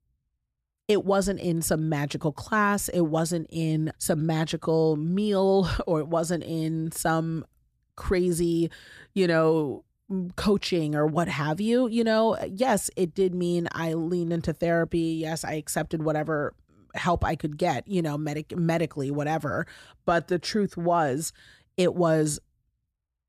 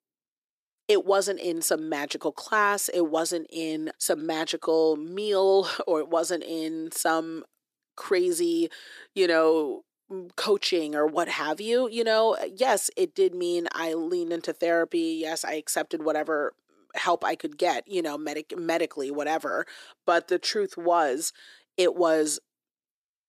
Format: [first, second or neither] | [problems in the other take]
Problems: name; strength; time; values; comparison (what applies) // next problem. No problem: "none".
first | thin; very; fading below 350 Hz